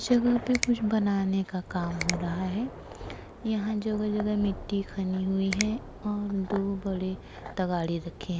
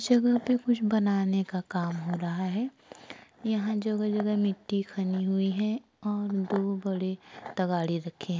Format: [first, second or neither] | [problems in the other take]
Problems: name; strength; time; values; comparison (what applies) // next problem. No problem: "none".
second | background sound (Finger snapping + Thunder / Rain); 11 dB below the speech